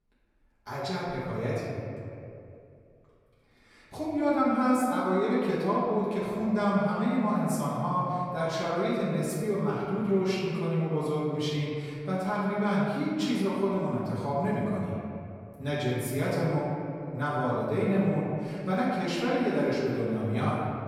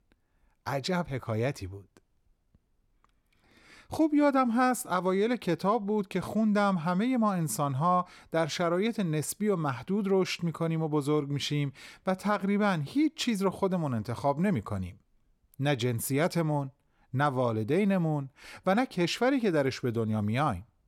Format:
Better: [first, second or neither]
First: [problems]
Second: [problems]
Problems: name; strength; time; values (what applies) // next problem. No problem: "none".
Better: second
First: off-mic speech; far // room echo; strong; dies away in 2.4 s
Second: none